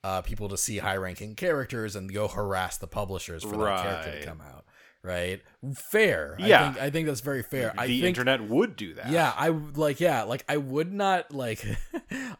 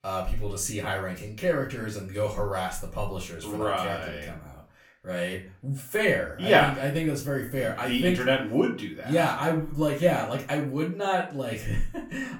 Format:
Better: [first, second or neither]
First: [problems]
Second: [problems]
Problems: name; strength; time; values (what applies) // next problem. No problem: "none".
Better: first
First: none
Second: off-mic speech; far // room echo; slight; dies away in 0.3 s